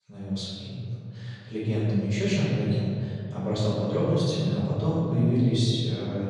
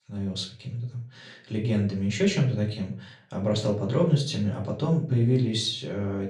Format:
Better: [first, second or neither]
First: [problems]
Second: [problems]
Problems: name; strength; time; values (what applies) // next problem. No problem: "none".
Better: second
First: room echo; strong; dies away in 2.3 s // off-mic speech; far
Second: room echo; slight; dies away in 0.4 s // off-mic speech; far